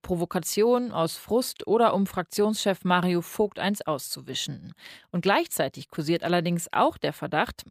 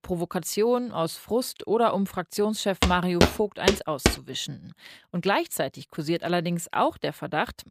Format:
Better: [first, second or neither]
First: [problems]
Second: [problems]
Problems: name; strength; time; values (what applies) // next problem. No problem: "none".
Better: first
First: none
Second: footsteps; loud; from 3 to 4 s; peak 4 dB above the speech